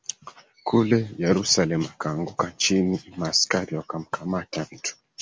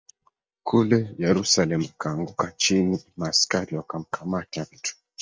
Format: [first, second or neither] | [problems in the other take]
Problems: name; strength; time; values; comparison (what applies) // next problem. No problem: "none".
first | noise reduction (neural mask model DeepFilterNet 3)